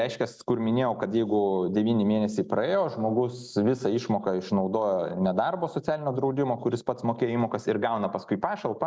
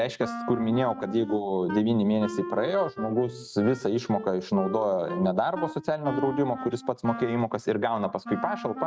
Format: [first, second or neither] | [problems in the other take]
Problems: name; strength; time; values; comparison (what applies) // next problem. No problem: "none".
first | noise reduction (neural mask model RNNoise)